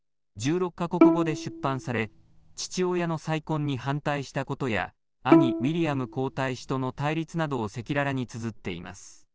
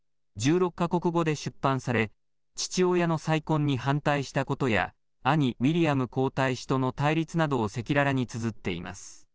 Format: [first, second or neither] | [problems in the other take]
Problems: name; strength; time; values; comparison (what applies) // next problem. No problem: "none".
second | background sound (Bowed string instrument); 3 dB above the speech